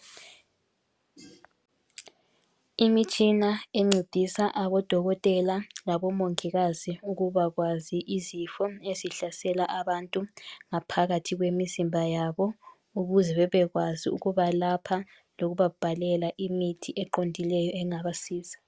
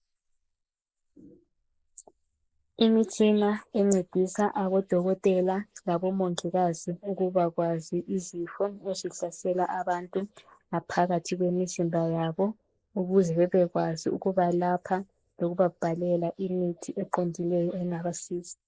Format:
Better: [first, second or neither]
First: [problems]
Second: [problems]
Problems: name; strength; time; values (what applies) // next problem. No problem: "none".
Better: first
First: none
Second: noise reduction (neural mask model Resemble Enhance denoiser)